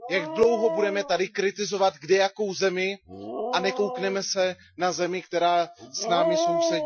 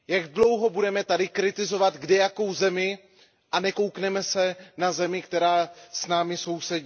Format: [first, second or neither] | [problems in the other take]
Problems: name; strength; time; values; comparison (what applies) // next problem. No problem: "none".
second | noise reduction (classical method Wiener filter)